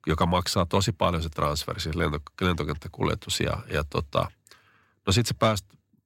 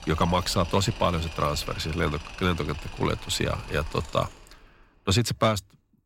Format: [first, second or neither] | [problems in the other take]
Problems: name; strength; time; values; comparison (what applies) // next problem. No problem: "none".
first | machinery noise; noticeable; until 4 s; 15 dB below the speech